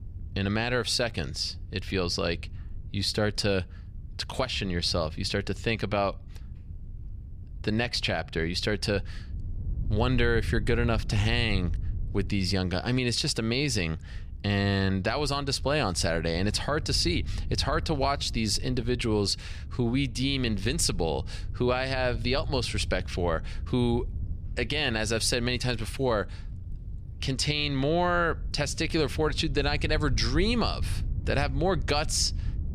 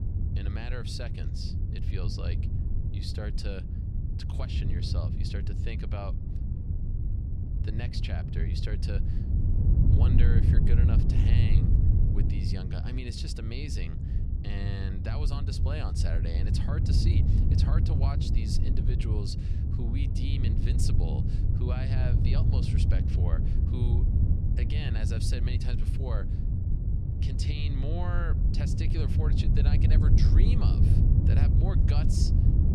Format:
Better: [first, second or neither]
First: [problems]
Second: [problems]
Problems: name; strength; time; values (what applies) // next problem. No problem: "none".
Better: first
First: wind noise on the microphone; occasional gusts; 25 dB below the speech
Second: wind noise on the microphone; heavy; as loud as the speech